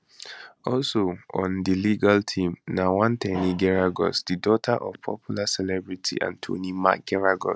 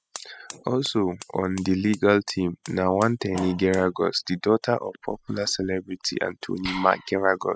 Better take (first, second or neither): first